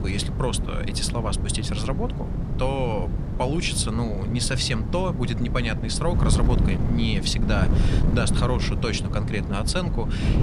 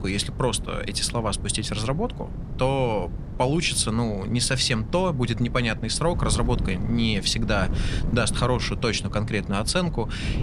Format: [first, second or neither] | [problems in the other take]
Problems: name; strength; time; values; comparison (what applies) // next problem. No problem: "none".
second | wind noise on the microphone; heavy; 8 dB below the speech; occasional gusts in the second